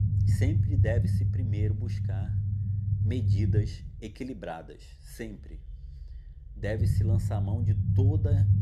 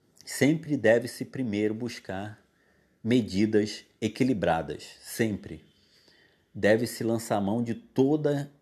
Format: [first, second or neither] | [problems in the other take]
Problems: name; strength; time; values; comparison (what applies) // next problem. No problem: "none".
second | low rumble; loud; throughout; 1 dB below the speech